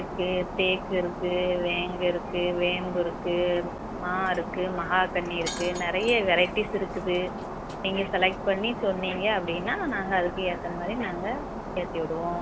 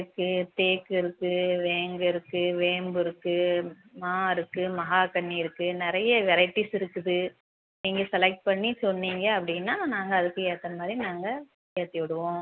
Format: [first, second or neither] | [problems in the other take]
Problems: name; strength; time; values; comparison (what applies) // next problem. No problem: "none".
second | background sound (Shatter); 7 dB below the speech